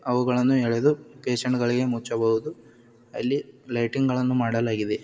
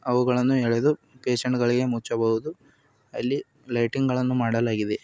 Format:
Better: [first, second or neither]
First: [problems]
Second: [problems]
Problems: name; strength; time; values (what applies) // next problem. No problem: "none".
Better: second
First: room echo; dies away in 1.9 s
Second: none